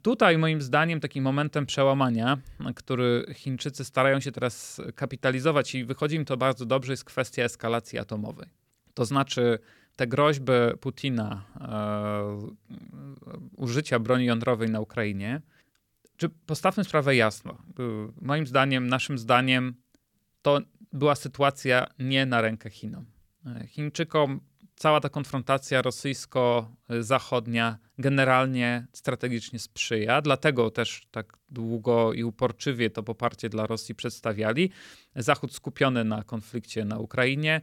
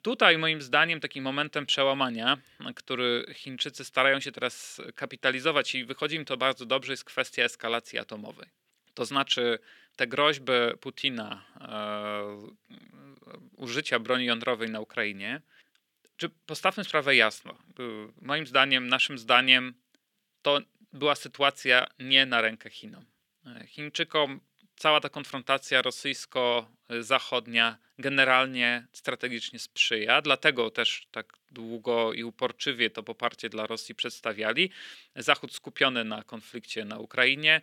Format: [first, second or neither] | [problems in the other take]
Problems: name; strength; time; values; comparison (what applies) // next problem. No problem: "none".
first | thin; somewhat; fading below 250 Hz